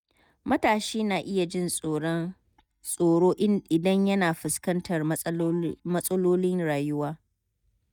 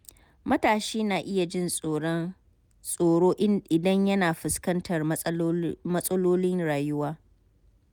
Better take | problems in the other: second | noise reduction (neural mask model DeepFilterNet 3)

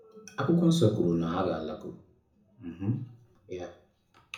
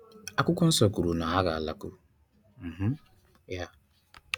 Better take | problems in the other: second | room echo; dies away in 0.5 s

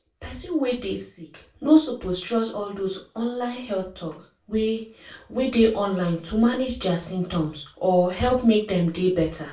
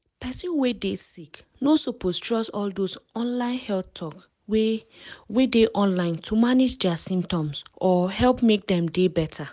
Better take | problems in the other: second | room echo; dies away in 0.3 s

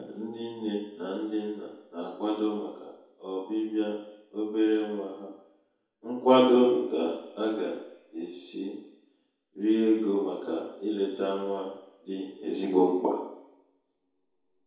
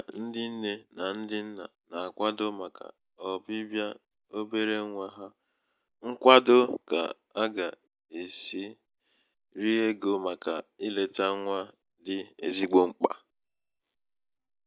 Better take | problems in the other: second | room echo; dies away in 2 s

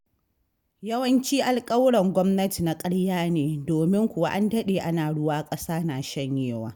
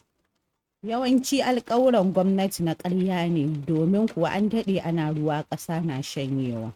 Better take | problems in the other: first | noise reduction (neural mask model RNNoise)

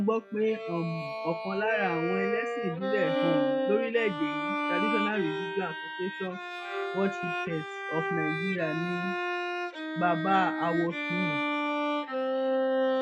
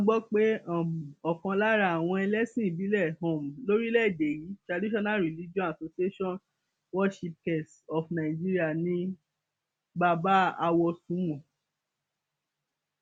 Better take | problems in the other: second | noise reduction (classical method log-MMSE)

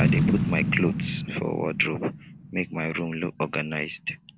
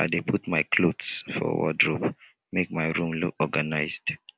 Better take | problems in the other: second | background sound (Boom); as loud as the speech

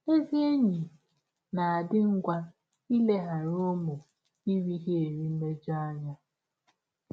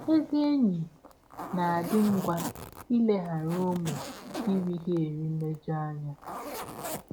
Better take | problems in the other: first | background sound (Zipper (clothing)); 11 dB below the speech

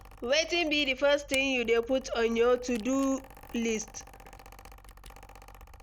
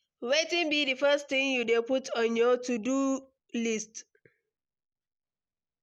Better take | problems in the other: second | background sound (Mechanical fan + Camera); 19 dB below the speech

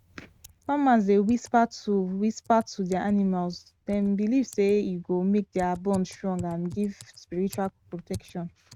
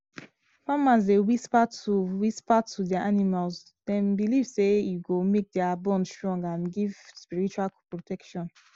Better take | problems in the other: second | noise reduction (neural mask model RNNoise)

